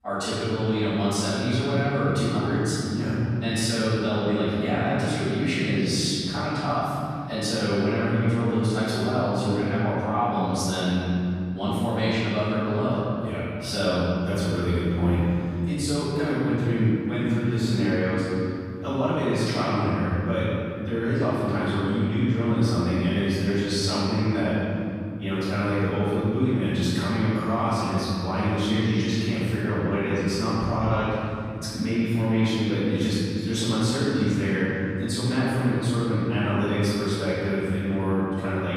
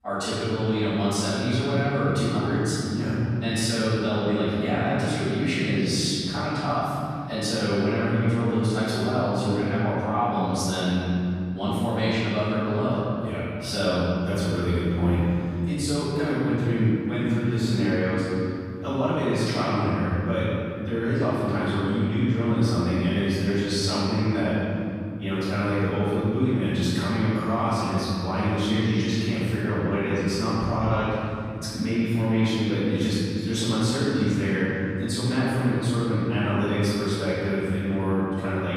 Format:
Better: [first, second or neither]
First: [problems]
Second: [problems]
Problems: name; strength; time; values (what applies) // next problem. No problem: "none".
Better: neither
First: room echo; strong; dies away in 2.9 s // off-mic speech; far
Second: room echo; strong; dies away in 2.9 s // off-mic speech; far